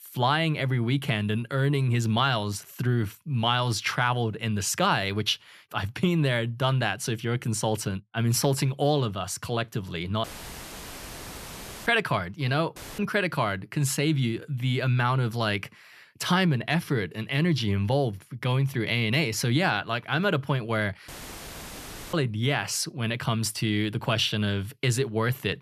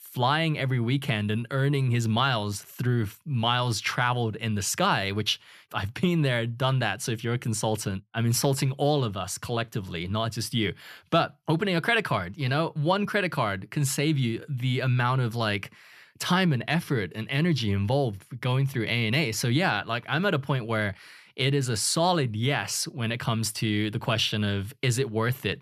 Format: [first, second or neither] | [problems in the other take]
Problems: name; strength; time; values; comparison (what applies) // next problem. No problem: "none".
second | audio cutting out; filled with static; at 10 s for 1.5 s, at 13 s and at 21 s for 1 s